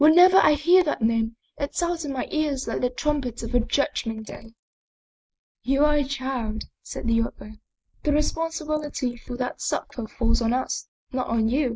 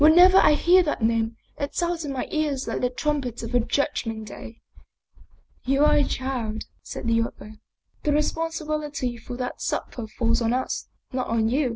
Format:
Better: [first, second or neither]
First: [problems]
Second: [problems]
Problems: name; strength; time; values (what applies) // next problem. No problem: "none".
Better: second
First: noise reduction (neural mask model Resemble Enhance denoiser)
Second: none